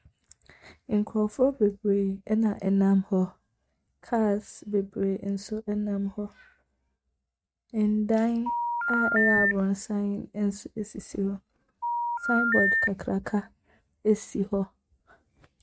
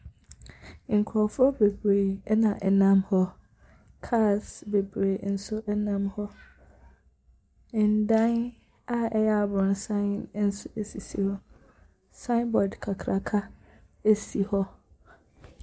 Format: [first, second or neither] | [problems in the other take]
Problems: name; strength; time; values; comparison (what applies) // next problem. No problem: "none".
second | noise reduction (neural mask model RNNoise)